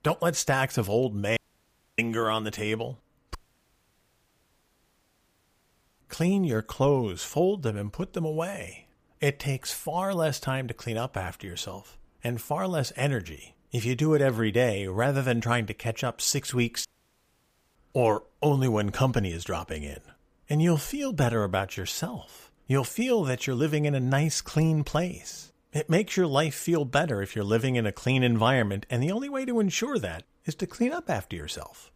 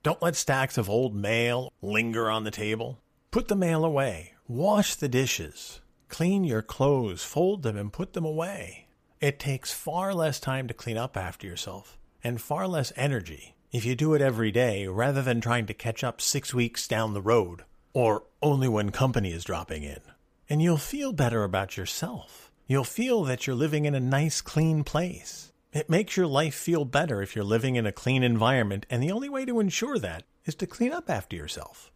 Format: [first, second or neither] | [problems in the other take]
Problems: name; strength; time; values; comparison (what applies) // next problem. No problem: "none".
second | audio cutting out; at 1.5 s for 0.5 s, at 3.5 s for 2.5 s and at 17 s for 1 s